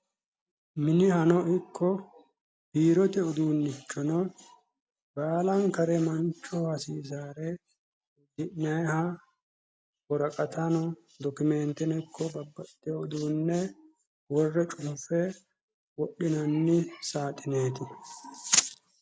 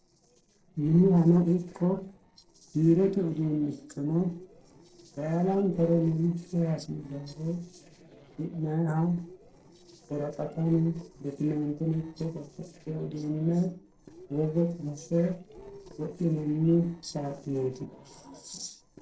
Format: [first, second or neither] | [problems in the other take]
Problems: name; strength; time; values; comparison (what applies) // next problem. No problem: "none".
first | noise reduction (neural separator model SepFormer DNS4)